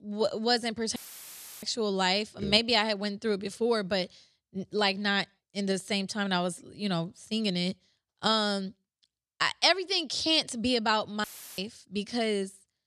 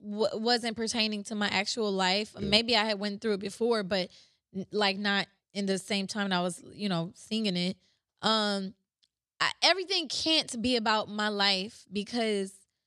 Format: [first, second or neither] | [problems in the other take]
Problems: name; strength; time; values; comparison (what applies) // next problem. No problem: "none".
second | audio cutting out; filled with static; at 1 s for 0.5 s and at 11 s